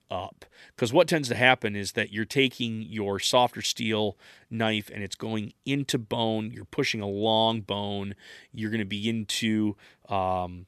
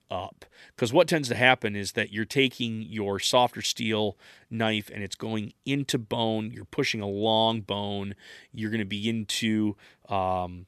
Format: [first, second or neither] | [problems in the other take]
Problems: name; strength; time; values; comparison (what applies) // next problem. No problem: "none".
neither | none